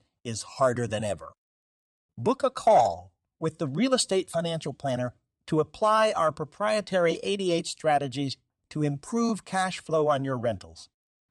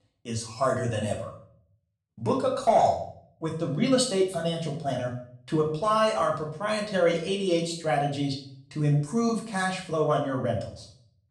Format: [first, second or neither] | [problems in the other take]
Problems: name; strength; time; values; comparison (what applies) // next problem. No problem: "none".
first | room echo; slight; dies away in 0.5 s // off-mic speech; far